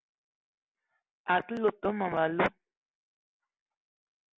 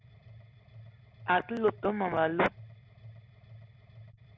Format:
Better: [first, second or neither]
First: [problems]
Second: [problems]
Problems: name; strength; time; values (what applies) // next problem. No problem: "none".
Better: first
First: none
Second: background sound (Mechanisms); 18 dB below the speech